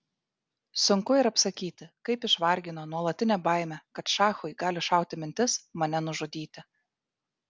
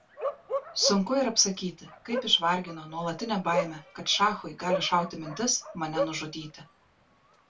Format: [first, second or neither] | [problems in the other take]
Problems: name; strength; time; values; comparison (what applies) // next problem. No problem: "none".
first | background sound (Bark); 7 dB below the speech // room echo; dies away in 0.2 s